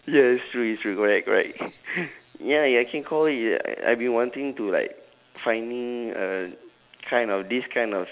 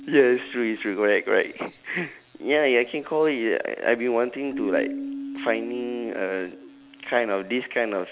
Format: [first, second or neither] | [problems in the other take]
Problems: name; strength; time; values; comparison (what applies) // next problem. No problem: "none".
first | background sound (Keyboard (musical)); 14 dB below the speech